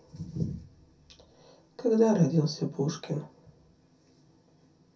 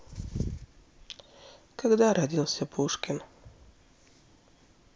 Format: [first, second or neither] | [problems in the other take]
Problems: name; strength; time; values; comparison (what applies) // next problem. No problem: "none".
second | room echo; dies away in 0.3 s